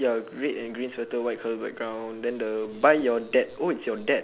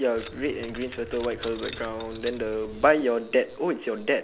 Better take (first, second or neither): first